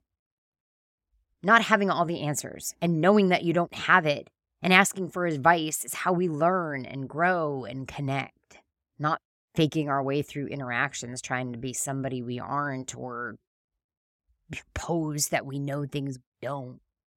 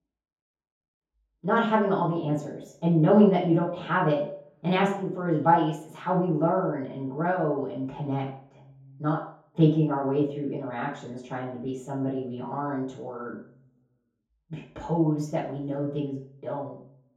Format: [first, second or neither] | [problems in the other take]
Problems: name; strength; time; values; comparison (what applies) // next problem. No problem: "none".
first | room echo; noticeable; dies away in 0.6 s // off-mic speech; far